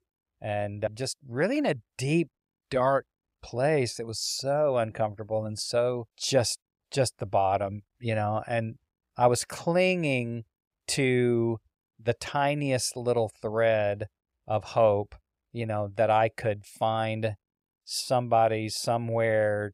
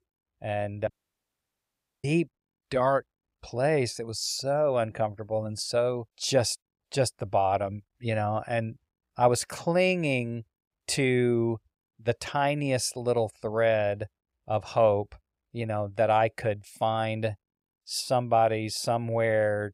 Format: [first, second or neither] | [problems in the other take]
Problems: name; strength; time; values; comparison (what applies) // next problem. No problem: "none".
first | audio cutting out; at 1 s for 1 s